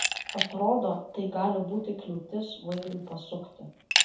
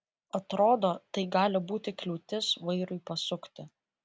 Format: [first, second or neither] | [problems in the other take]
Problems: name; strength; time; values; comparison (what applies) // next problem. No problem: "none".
second | background sound (Glass); 2 dB below the speech // room echo; dies away in 0.5 s